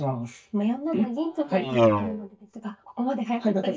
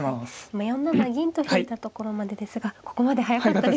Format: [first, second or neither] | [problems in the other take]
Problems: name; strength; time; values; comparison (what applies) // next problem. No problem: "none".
second | noise reduction (neural mask model DeepFilterNet 3)